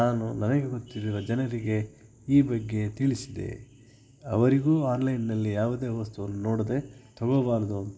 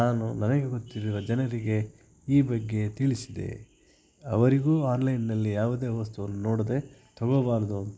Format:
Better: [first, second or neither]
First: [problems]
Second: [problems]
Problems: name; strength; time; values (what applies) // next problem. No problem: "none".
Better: second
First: room echo; dies away in 0.5 s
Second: none